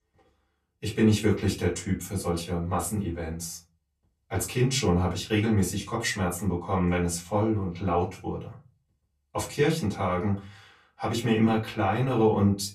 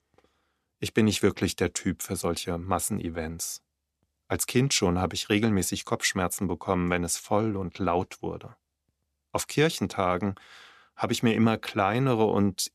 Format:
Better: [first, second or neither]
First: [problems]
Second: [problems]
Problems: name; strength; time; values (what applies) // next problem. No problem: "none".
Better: second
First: off-mic speech; far // room echo; very slight; dies away in 0.3 s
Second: none